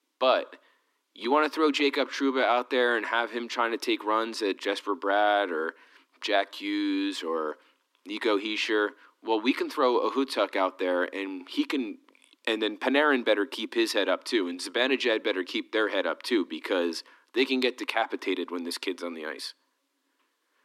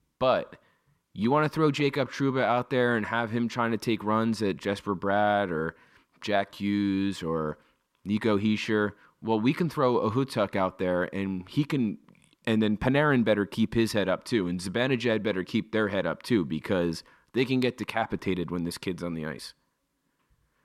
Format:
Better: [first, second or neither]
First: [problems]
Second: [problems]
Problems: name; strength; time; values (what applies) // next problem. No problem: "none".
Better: second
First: thin; very slightly; fading below 250 Hz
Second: none